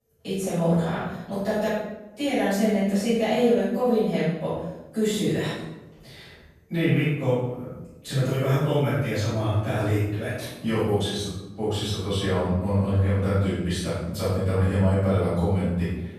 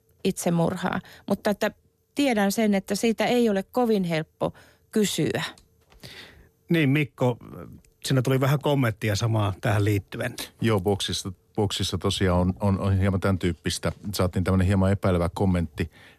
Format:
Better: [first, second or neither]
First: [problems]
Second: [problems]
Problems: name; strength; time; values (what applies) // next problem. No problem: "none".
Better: second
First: room echo; strong; dies away in 0.8 s // off-mic speech; far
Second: none